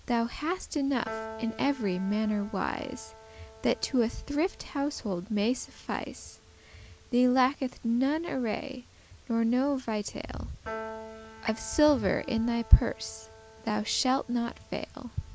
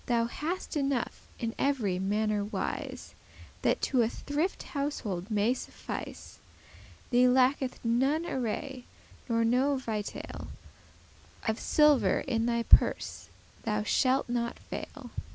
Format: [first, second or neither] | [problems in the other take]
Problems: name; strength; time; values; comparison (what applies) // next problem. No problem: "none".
second | background sound (Piano); 18 dB below the speech